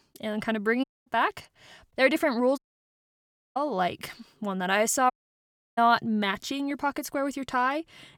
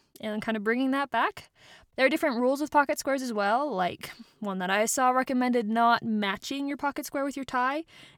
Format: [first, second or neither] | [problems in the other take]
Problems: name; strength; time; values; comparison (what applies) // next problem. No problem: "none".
second | audio cutting out; at 1 s, at 2.5 s for 1 s and at 5 s for 0.5 s